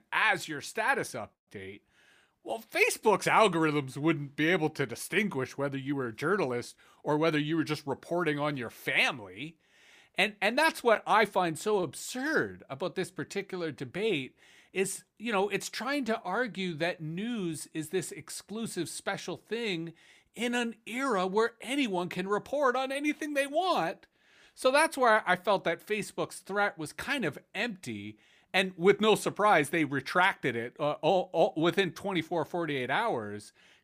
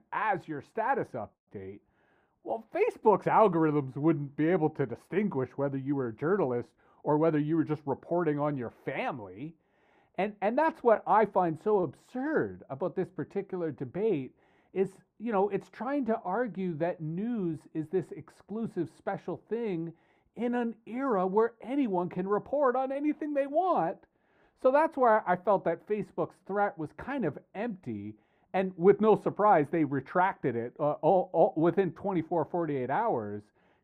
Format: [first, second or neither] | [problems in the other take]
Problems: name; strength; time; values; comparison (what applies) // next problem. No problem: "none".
first | muffled; very; fading above 2 kHz